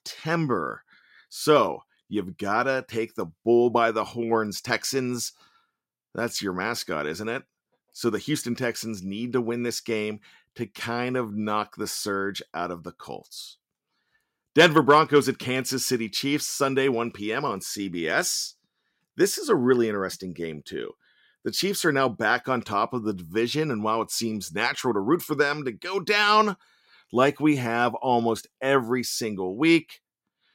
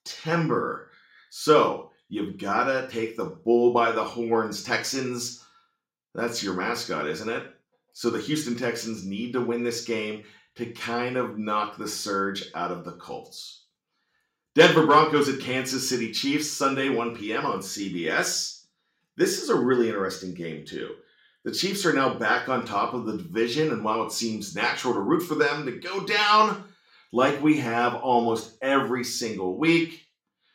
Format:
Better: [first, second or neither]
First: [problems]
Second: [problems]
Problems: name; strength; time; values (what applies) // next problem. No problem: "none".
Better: first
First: none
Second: room echo; slight; dies away in 0.4 s // off-mic speech; somewhat distant